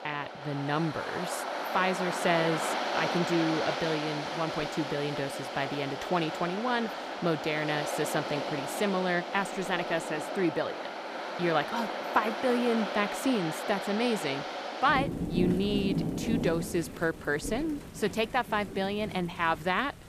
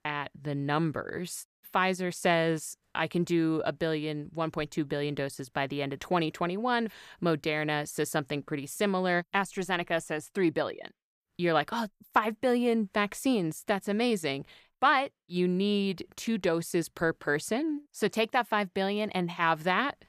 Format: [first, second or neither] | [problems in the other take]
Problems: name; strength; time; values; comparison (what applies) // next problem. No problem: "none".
second | rain or running water; loud; throughout; 4 dB below the speech